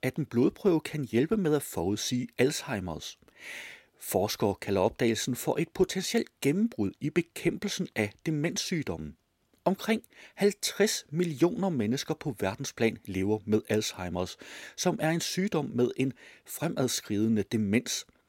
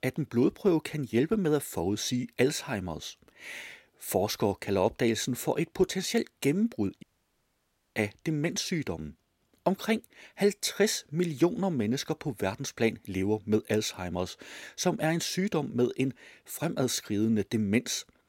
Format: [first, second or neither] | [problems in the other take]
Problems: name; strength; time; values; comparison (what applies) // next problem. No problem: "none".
first | audio cutting out; at 7 s for 1 s